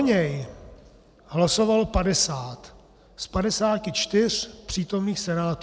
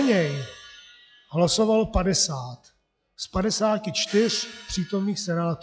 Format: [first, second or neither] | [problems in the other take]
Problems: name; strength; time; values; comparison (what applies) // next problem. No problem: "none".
first | noise reduction (classical method log-MMSE)